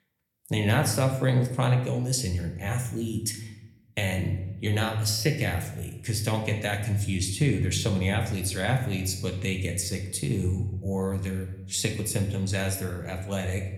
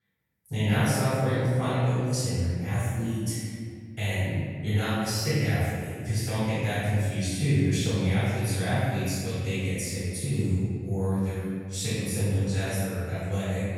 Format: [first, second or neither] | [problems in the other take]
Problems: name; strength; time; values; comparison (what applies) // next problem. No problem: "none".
first | room echo; strong; dies away in 1.9 s; slight in the first // off-mic speech; far